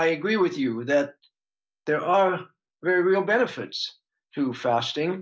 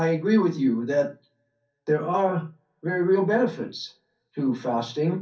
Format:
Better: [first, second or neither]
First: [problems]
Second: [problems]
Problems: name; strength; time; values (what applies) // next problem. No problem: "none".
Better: first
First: none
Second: room echo; dies away in 0.3 s